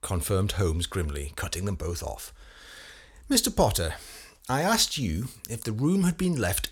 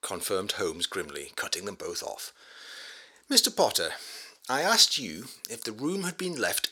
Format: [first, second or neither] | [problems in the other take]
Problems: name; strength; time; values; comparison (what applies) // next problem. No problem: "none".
first | thin; somewhat; fading below 350 Hz